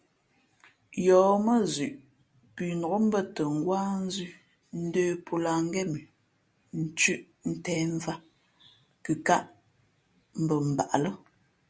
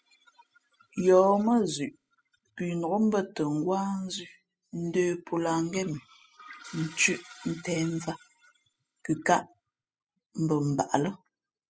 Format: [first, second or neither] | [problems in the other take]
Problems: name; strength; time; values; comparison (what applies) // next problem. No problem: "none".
first | noise reduction (classical method spectral subtraction)